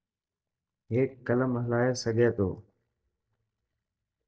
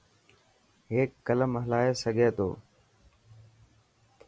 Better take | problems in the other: second | noise reduction (neural mask model DeepFilterNet 3)

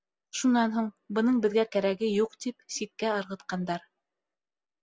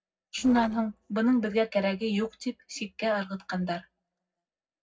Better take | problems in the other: first | noise reduction (neural separator model SepFormer DNS4)

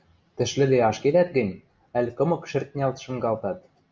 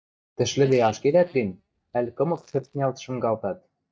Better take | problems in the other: first | noise reduction (neural mask model DeepFilterNet 3)

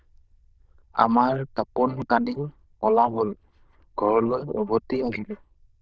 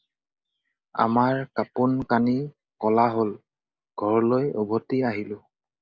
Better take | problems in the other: second | noise reduction (neural diffusion model UNIVERSE++)

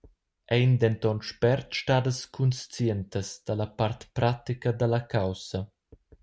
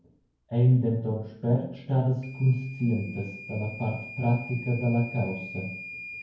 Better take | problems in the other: first | background sound (Microwave oven / Alarm); 16 dB below the speech // room echo; dies away in 0.9 s

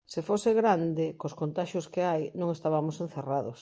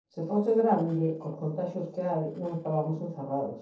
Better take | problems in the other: first | noise reduction (neural separator model SepFormer DNS4)

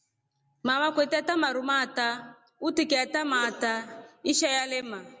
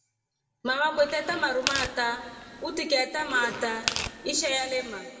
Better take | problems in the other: first | background sound (Tearing); 8 dB below the speech // room echo; dies away in 1.9 s

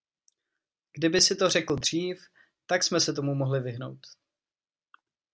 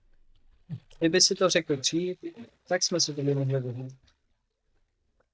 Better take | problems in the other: first | noise reduction (neural mask model DeepFilterNet 3)

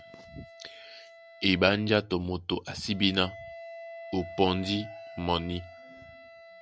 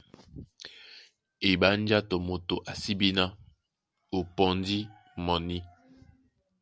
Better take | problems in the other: second | background sound (Wind instrument, woodwind instrument); 16 dB below the speech

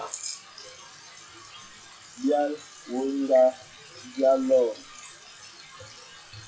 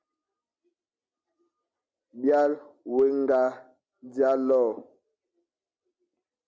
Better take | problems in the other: second | noise reduction (classical method WPE with log-MMSE)

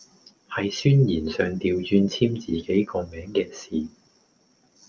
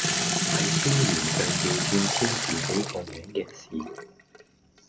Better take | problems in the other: first | background sound (Sink (filling or washing) / Water tap, faucet); 3 dB above the speech

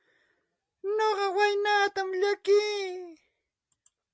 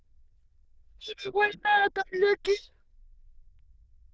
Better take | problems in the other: first | noise reduction (neural diffusion model UNIVERSE++)

